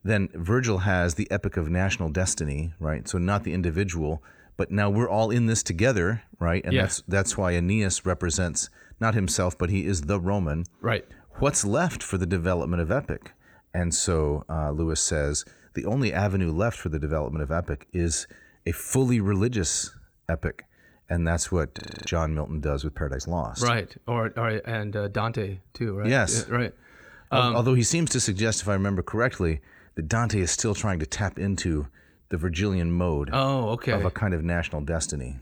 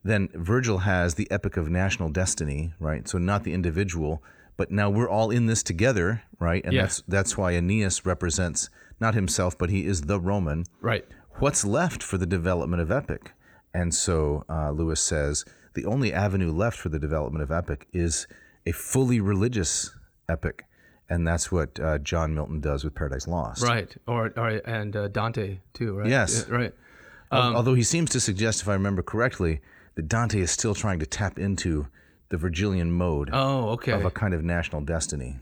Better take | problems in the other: second | audio freezing; at 22 s

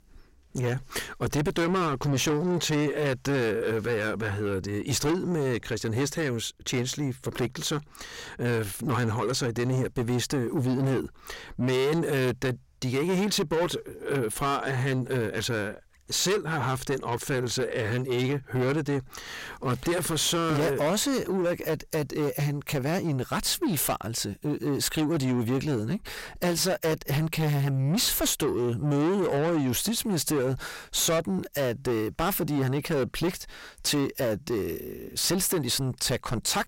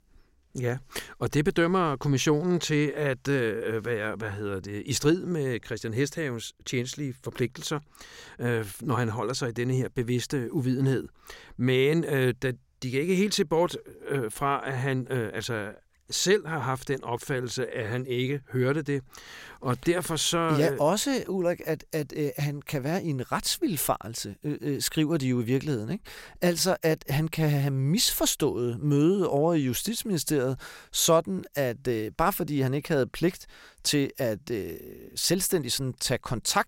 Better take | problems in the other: second | distortion; heavy; 8 dB below the speech

